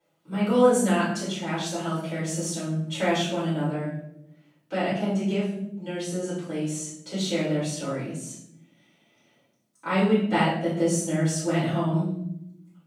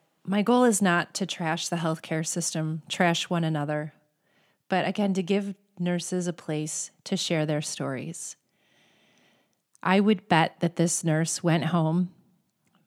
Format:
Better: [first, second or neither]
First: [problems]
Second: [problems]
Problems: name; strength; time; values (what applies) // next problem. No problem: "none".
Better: second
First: off-mic speech; far // room echo; noticeable; dies away in 0.7 s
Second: none